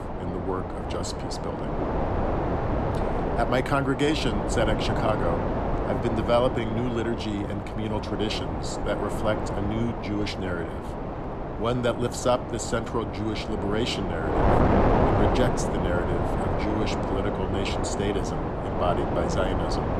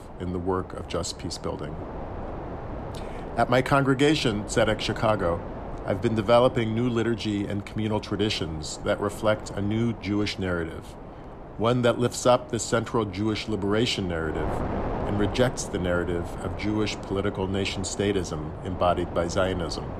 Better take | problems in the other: second | wind noise on the microphone; heavy; as loud as the speech; occasional gusts in the second

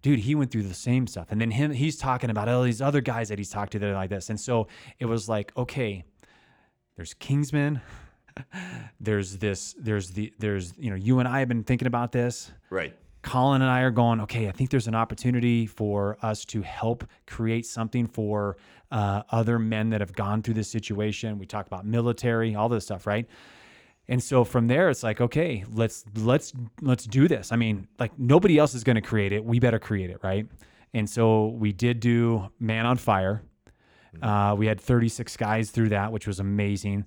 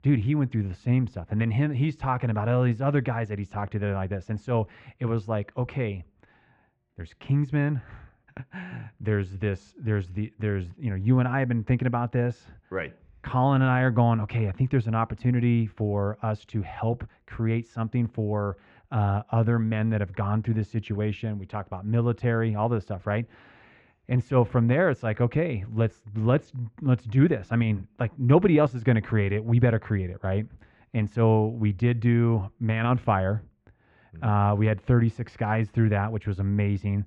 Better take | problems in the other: first | muffled; very; fading above 2 kHz

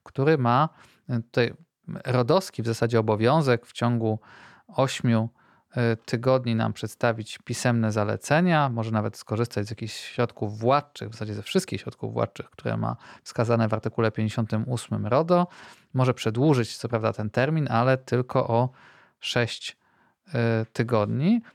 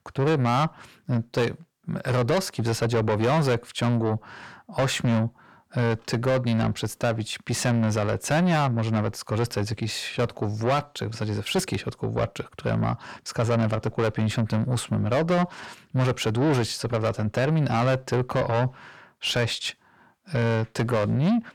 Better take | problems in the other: first | distortion; heavy; 7 dB below the speech

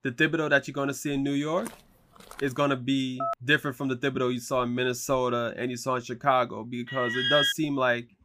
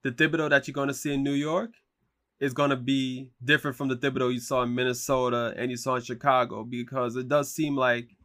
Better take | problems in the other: second | footsteps; faint; at 1.5 s; peak 15 dB below the speech // phone ringing; noticeable; at 3 s; peak 5 dB below the speech // alarm; loud; at 7 s; peak 4 dB above the speech

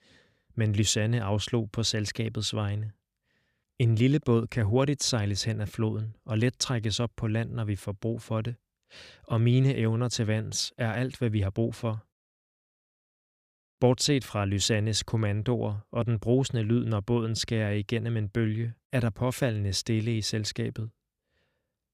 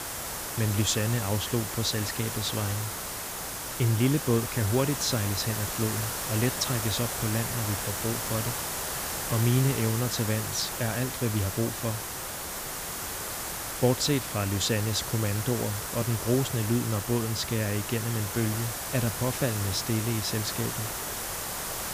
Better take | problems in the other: first | hiss; loud; throughout; 3 dB below the speech

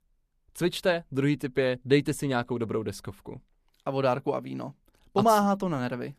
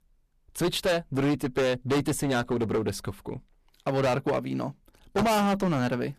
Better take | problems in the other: first | distortion; heavy; 16% of the sound clipped

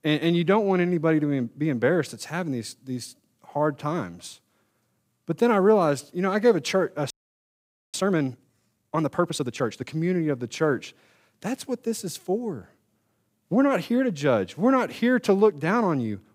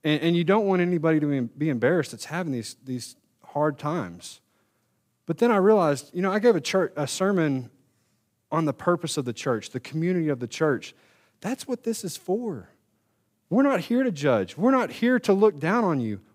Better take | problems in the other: second | audio freezing; at 7 s for 1 s

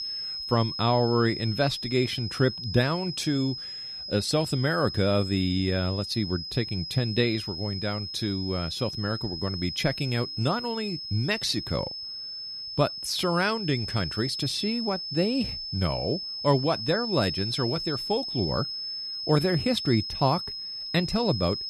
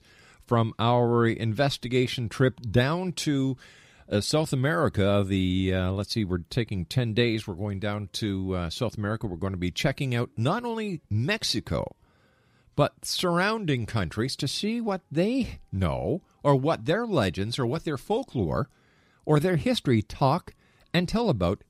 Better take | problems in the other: second | high-pitched whine; loud; throughout; 5 kHz, 5 dB below the speech

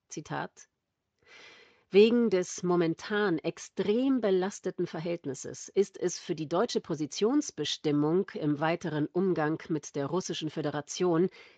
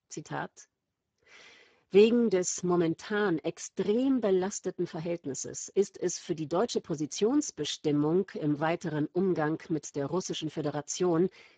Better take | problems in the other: first | garbled, watery; badly; slightly in the first

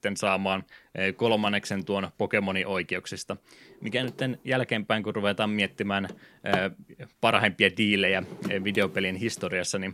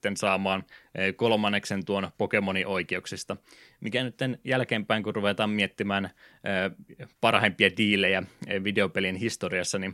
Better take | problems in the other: second | household noises; noticeable; throughout; 15 dB below the speech

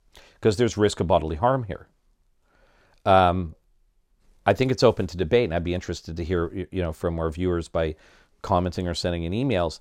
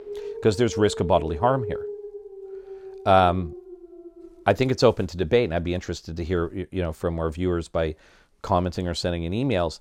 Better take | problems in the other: first | animal sounds; noticeable; throughout; 15 dB below the speech

